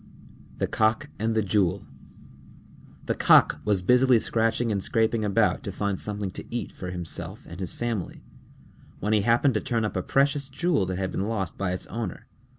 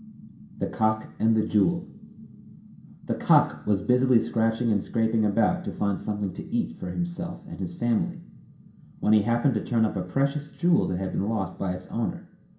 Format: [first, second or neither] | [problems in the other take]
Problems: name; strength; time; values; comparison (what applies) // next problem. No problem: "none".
first | room echo; dies away in 0.5 s